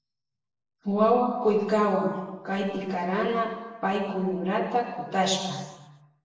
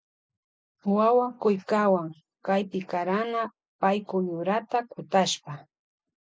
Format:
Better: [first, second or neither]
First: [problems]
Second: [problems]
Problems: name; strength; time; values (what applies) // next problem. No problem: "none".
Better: second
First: room echo; dies away in 1.1 s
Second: none